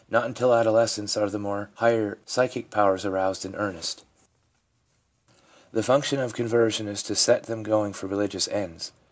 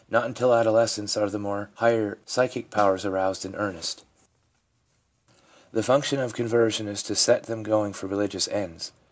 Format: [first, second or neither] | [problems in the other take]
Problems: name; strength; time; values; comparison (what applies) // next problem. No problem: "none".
first | background sound (Snare drum); 18 dB below the speech